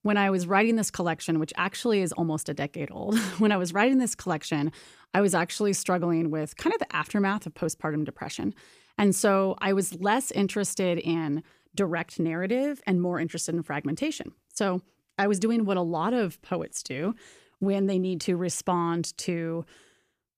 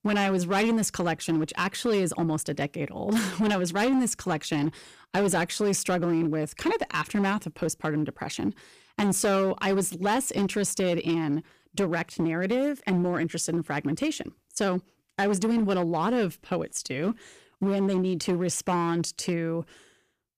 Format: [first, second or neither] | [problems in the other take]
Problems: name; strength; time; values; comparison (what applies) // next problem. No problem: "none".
first | distortion; slight; 9% of the sound clipped